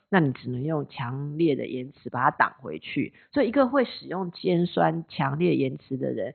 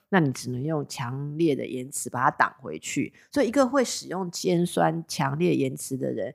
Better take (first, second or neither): second